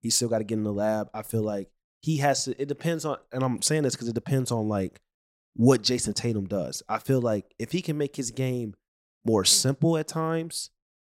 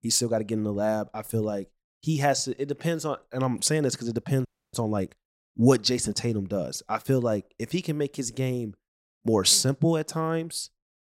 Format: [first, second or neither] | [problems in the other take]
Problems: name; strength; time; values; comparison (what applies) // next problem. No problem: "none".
first | audio freezing; at 4.5 s